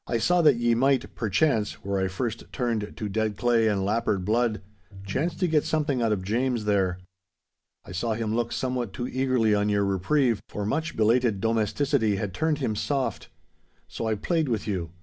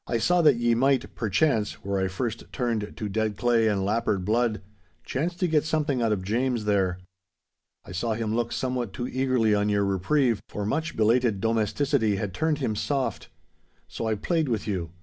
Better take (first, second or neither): second